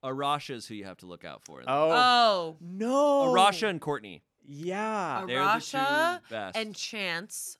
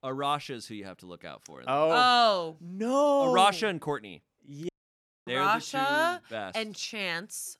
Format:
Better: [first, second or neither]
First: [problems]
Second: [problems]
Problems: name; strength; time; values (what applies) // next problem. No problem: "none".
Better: first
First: none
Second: audio cutting out; at 4.5 s for 0.5 s